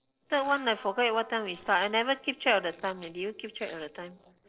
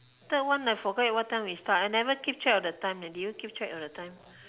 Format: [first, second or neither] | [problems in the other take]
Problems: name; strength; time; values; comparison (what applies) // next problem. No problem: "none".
second | noise reduction (neural separator model SepFormer DNS4)